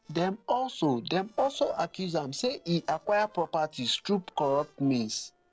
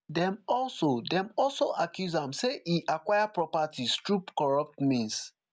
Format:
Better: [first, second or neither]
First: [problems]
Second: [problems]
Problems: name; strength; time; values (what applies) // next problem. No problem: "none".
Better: second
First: noise reduction (neural separator model SepFormer DNS4)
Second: none